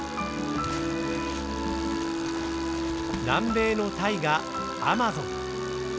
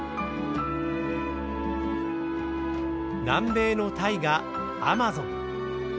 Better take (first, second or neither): second